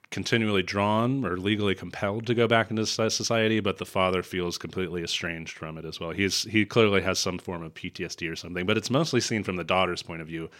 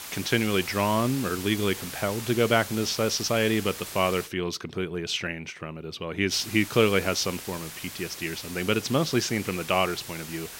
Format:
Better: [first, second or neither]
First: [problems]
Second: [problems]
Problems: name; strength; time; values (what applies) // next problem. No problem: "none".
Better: first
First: none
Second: hiss; noticeable; until 4.5 s and from 6.5 s on; 10 dB below the speech